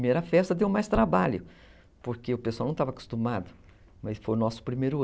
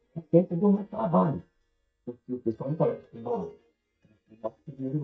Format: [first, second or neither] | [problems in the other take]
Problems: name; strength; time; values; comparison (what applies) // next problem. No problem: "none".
first | noise reduction (neural mask model DeepFilterNet 3)